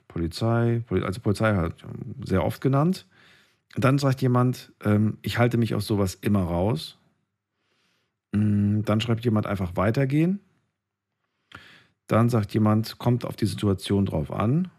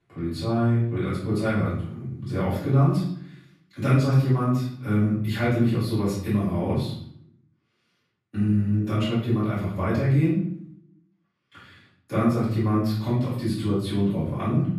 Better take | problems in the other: first | room echo; noticeable; dies away in 0.6 s // off-mic speech; far

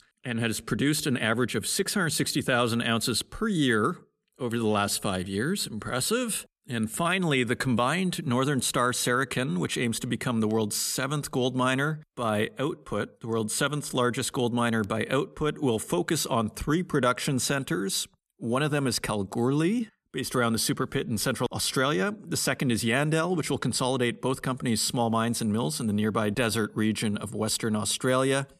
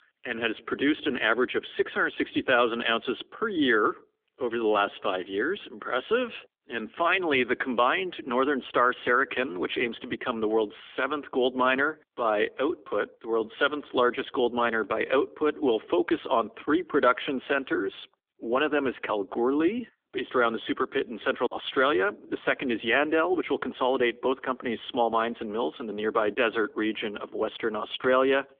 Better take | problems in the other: first | phone-call audio; nothing above 3.5 kHz

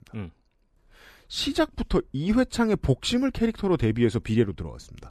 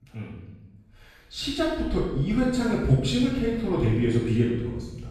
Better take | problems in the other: first | room echo; strong; dies away in 0.9 s // off-mic speech; far

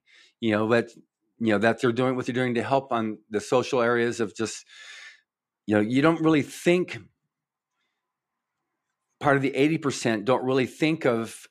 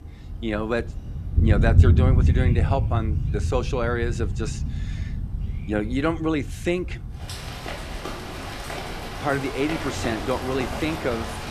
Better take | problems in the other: first | rain or running water; very loud; throughout; 2 dB above the speech

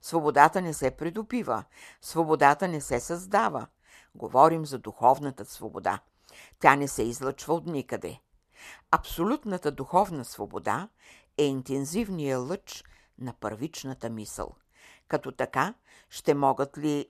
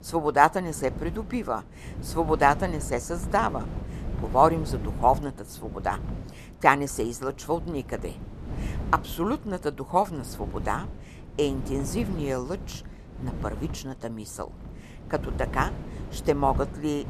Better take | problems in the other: first | wind noise on the microphone; occasional gusts; 20 dB below the speech

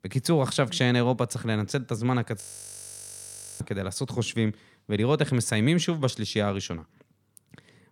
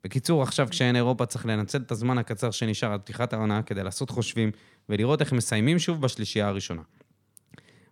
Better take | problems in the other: second | audio freezing; at 2.5 s for 1 s

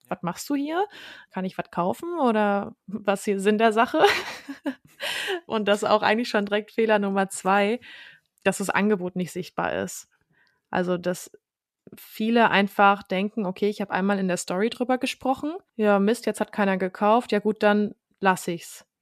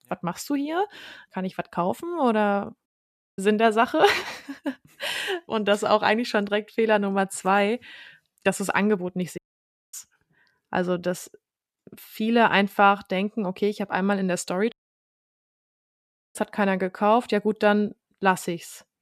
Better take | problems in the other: first | audio cutting out; at 3 s for 0.5 s, at 9.5 s for 0.5 s and at 15 s for 1.5 s

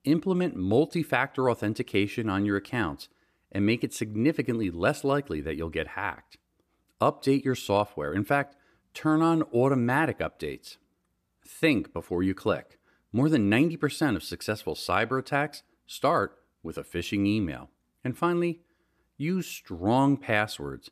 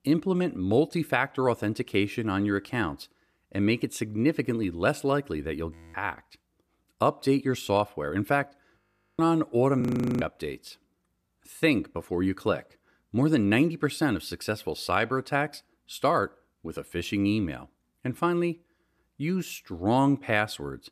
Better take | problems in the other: first | audio freezing; at 5.5 s, at 9 s and at 10 s

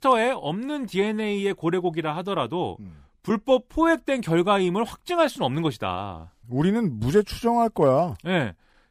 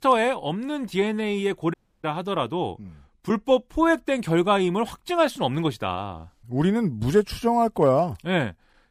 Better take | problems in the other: first | audio cutting out; at 1.5 s

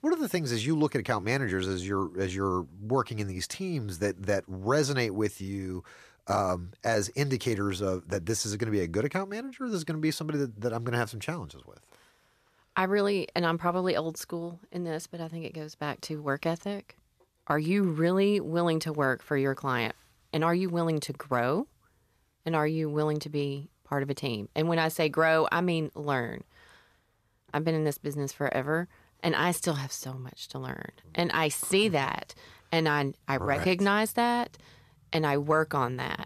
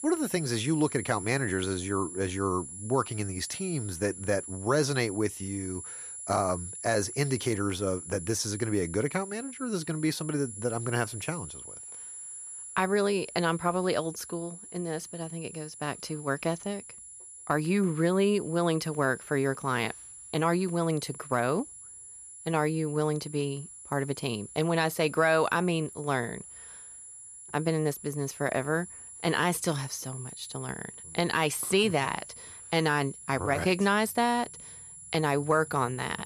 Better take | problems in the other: first | high-pitched whine; noticeable; throughout; 10 kHz, 10 dB below the speech

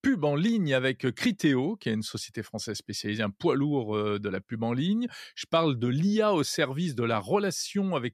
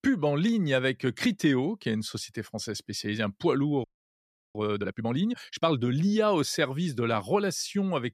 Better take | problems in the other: first | audio freezing; at 4 s for 0.5 s

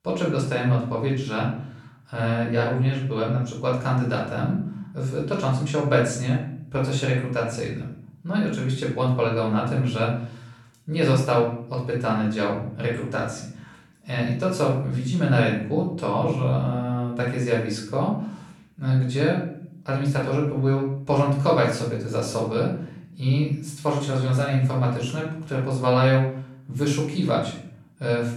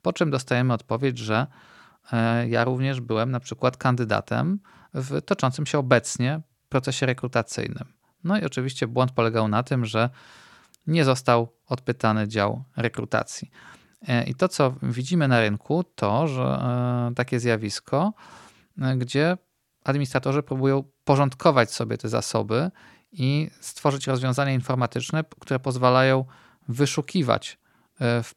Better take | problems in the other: second | off-mic speech; far // room echo; noticeable; dies away in 0.6 s

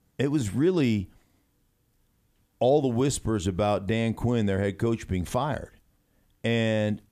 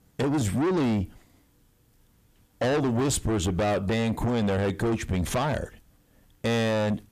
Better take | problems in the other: first | distortion; heavy; 6 dB below the speech

